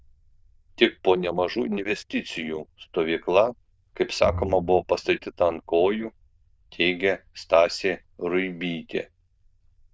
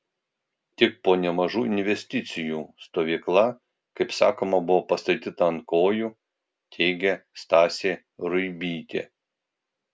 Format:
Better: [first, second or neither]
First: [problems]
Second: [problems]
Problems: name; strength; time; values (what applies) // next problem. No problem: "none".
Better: second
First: noise reduction (neural diffusion model UNIVERSE++)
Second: none